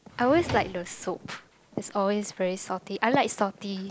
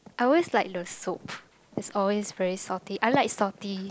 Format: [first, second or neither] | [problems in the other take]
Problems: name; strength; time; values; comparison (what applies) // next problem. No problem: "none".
second | background sound (Drawer open or close); 11 dB below the speech